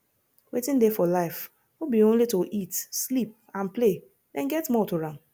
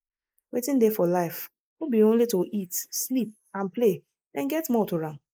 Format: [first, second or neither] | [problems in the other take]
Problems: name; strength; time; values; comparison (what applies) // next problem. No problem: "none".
first | noise reduction (neural mask model Resemble Enhance denoiser)